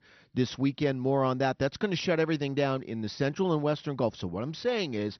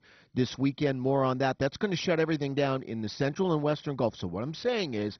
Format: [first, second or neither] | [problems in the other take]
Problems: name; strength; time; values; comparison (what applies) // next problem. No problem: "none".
first | garbled, watery; badly; nothing above 6 kHz; slightly in the first